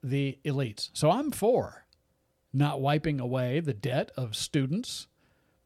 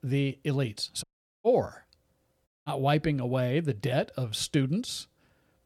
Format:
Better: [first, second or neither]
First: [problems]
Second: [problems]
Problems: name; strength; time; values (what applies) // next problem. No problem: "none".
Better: first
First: none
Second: audio cutting out; at 1 s and at 2.5 s